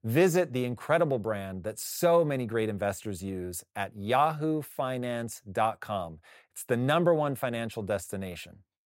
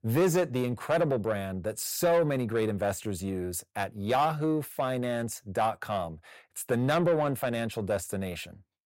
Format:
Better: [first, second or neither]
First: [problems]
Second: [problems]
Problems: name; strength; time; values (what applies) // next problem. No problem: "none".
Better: first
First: none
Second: distortion; slight; 10 dB below the speech